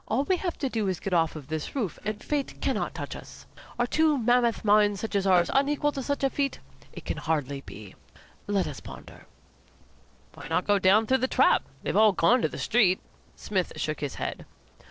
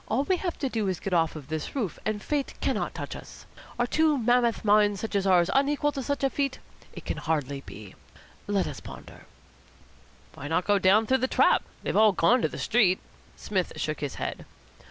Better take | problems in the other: second | noise reduction (neural separator model SepFormer DNS4)

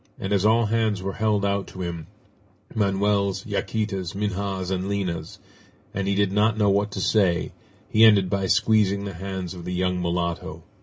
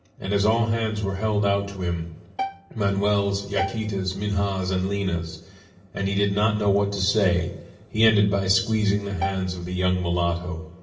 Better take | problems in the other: first | background sound (Bowed string instrument); 11 dB below the speech // room echo; dies away in 0.8 s

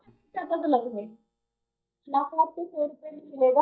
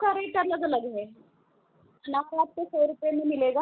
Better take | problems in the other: second | noise reduction (neural mask model DeepFilterNet 3)

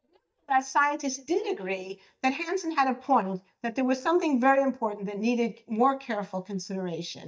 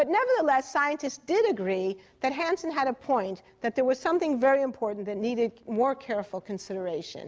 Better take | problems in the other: second | noise reduction (neural mask model DeepFilterNet 3)

